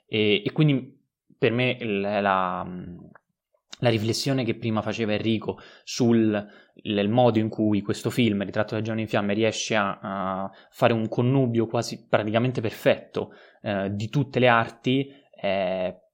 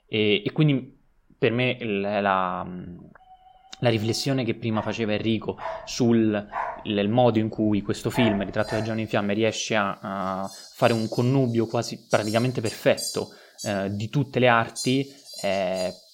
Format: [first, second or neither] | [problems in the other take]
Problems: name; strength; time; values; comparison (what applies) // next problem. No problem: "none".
first | animal sounds; noticeable; throughout; 10 dB below the speech